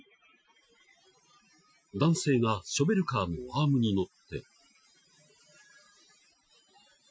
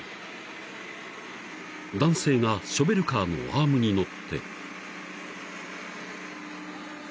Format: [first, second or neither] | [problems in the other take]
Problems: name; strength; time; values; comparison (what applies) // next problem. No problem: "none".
second | noise reduction (classical method Wiener filter)